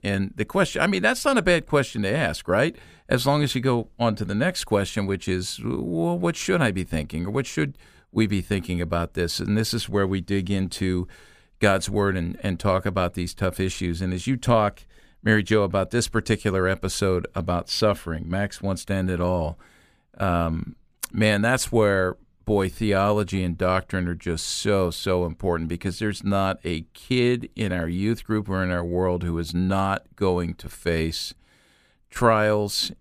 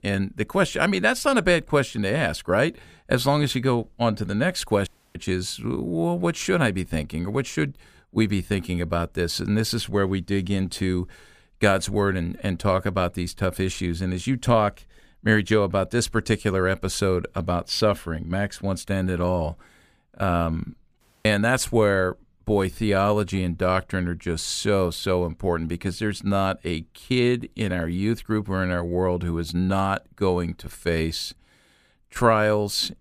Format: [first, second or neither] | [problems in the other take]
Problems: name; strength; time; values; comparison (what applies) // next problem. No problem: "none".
first | audio cutting out; at 5 s and at 21 s